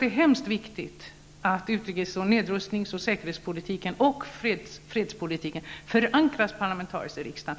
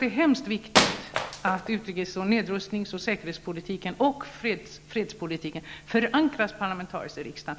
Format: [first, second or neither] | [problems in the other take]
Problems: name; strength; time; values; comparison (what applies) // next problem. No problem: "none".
first | background sound (Wood); 1 dB above the speech